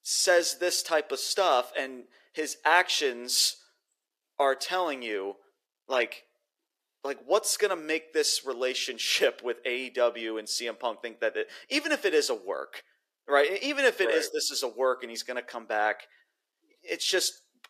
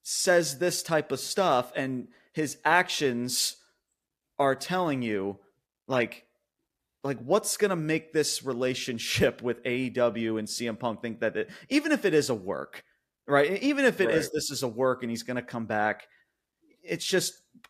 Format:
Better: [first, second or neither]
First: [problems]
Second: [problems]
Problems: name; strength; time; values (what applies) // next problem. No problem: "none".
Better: second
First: thin; somewhat; fading below 350 Hz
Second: none